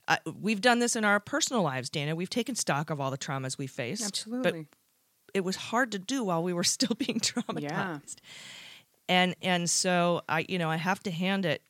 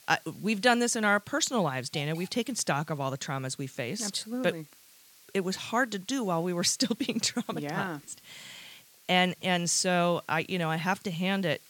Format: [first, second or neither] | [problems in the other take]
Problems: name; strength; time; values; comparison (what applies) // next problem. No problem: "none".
first | hiss; faint; throughout; 25 dB below the speech